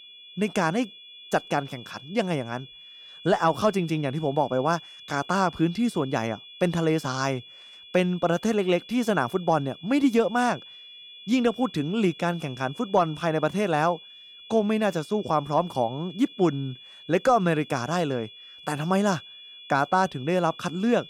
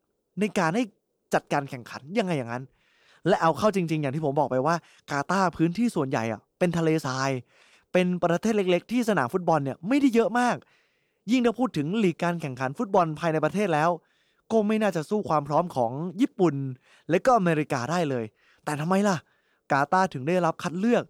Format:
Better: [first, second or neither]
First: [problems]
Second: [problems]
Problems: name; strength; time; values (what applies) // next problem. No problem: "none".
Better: second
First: high-pitched whine; noticeable; throughout; 3.5 kHz, 20 dB below the speech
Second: none